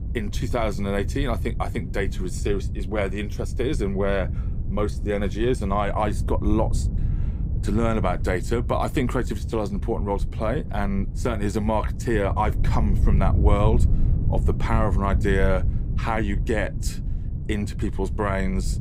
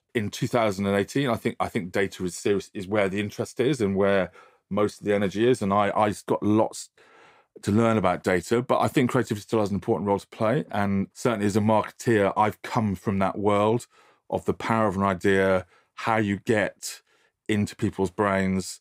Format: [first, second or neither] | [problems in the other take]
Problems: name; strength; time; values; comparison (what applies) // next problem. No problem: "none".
second | wind noise on the microphone; occasional gusts; 15 dB below the speech